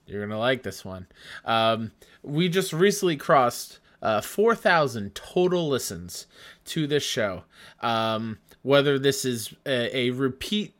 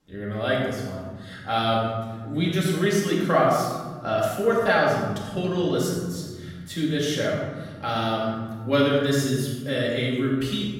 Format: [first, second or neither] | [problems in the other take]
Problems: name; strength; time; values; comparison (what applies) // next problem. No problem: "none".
first | off-mic speech; far // room echo; noticeable; dies away in 1.8 s